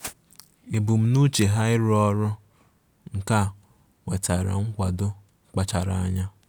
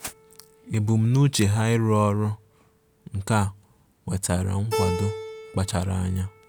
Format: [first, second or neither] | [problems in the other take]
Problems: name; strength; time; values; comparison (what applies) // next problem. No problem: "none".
first | background sound (Keyboard (musical)); 13 dB below the speech